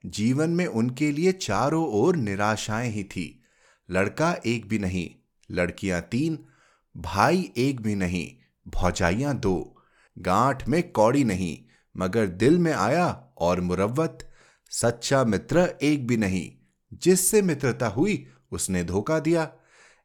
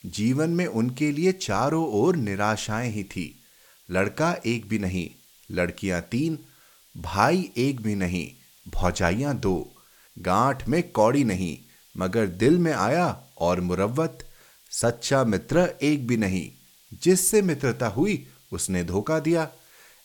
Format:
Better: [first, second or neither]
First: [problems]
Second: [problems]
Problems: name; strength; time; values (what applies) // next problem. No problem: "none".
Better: first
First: none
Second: hiss; faint; throughout; 30 dB below the speech